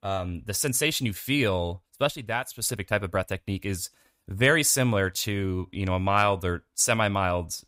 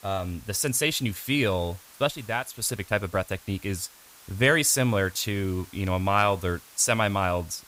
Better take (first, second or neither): first